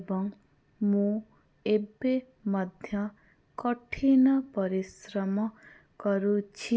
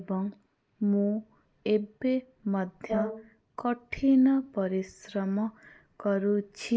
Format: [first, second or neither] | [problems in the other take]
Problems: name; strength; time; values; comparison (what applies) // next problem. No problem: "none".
first | noise reduction (neural mask model Resemble Enhance denoiser)